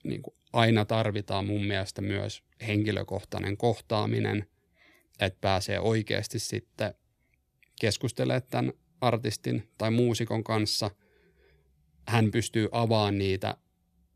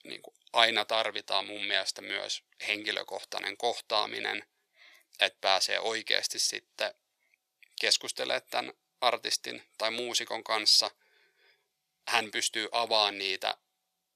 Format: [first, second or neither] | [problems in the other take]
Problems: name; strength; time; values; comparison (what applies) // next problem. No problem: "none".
first | thin; very; fading below 750 Hz